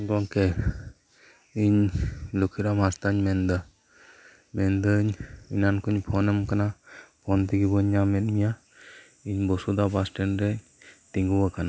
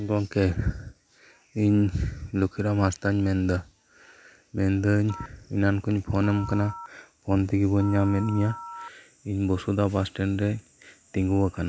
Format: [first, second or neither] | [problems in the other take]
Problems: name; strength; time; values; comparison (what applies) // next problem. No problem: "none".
first | background sound (Telephone); 16 dB below the speech